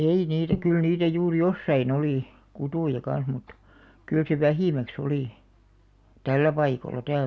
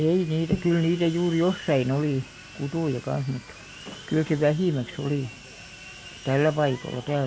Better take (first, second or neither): first